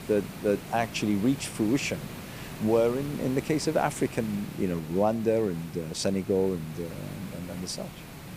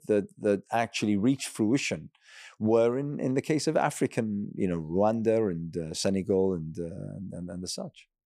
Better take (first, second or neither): second